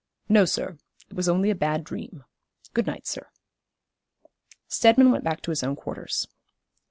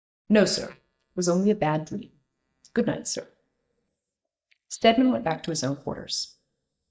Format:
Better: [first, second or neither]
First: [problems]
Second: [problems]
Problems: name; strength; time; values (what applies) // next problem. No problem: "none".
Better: first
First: none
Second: noise reduction (neural mask model DeepFilterNet 3)